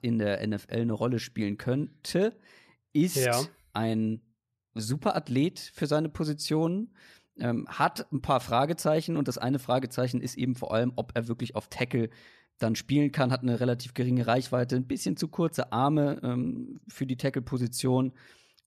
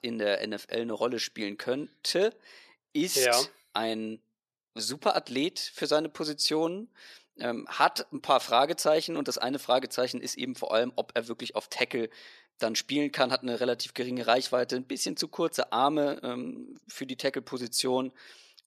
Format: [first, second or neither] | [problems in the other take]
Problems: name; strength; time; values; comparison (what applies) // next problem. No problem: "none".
first | thin; somewhat; fading below 400 Hz